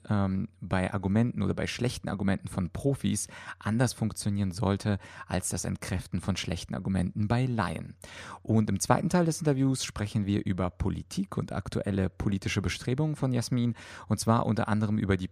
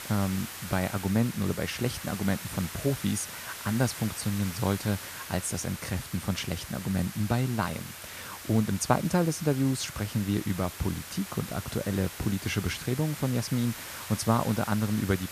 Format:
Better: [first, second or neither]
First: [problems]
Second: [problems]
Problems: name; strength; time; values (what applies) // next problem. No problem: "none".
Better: first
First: none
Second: hiss; loud; throughout; 9 dB below the speech